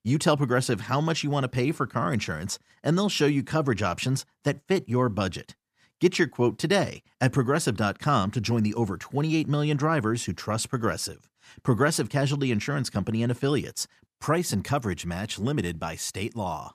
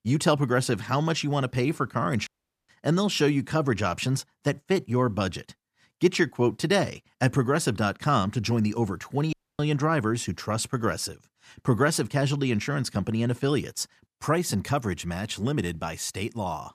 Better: first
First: none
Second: audio cutting out; at 2.5 s and at 9.5 s

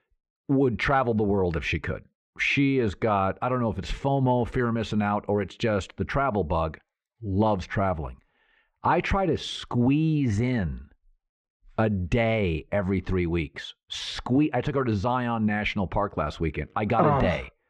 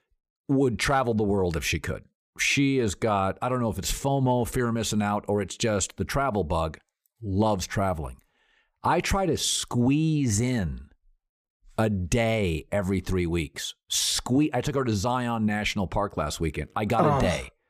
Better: second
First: muffled; slightly; fading above 2.5 kHz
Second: none

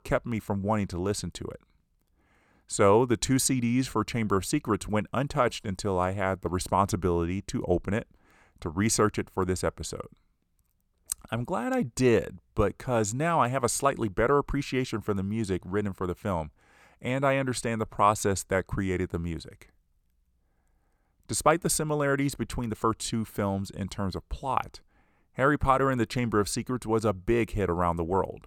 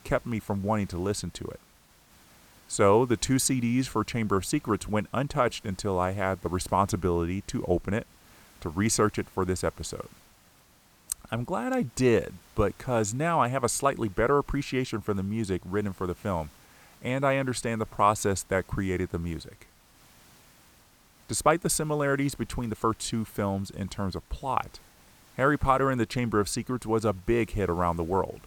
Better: first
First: none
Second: hiss; faint; throughout; 30 dB below the speech

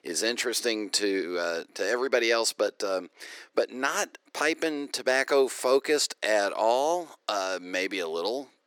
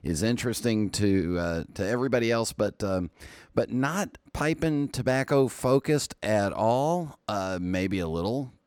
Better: second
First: thin; somewhat; fading below 350 Hz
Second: none

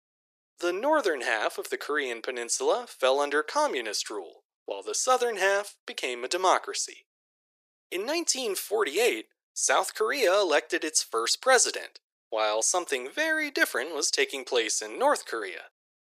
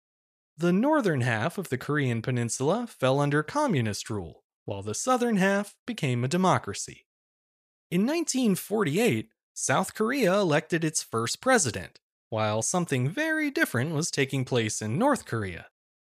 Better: second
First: thin; very; fading below 350 Hz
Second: none

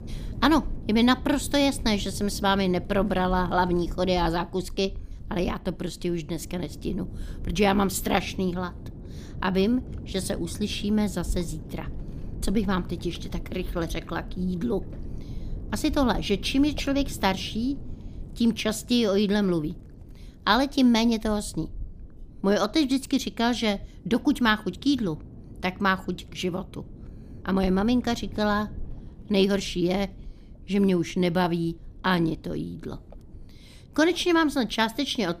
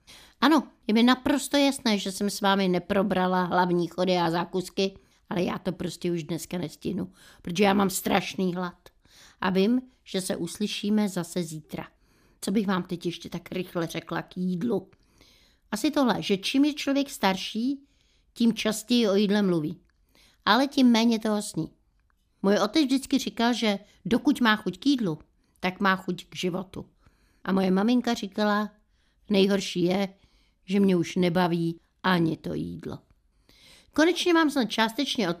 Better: second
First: wind noise on the microphone; occasional gusts; 25 dB below the speech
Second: none

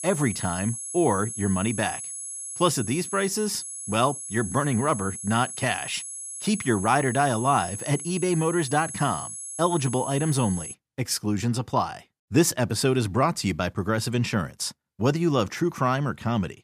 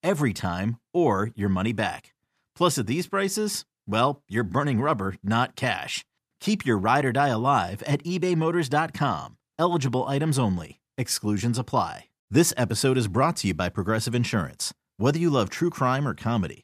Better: second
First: high-pitched whine; loud; until 11 s; 10.5 kHz, 8 dB below the speech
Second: none

